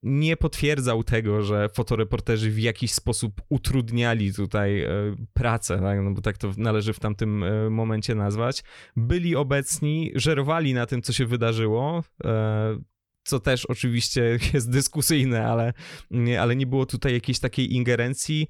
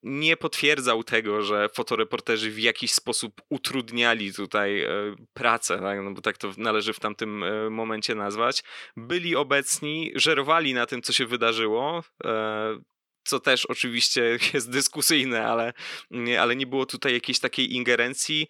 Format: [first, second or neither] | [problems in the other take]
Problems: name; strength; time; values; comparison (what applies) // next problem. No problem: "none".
first | thin; somewhat; fading below 250 Hz